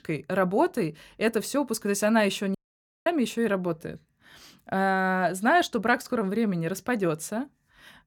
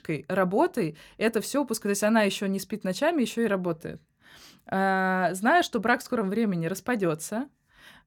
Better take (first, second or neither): second